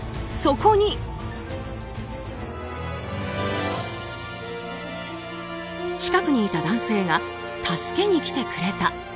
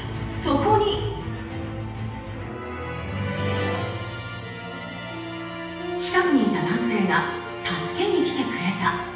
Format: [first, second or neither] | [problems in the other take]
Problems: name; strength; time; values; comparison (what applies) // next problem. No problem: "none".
first | room echo; dies away in 0.9 s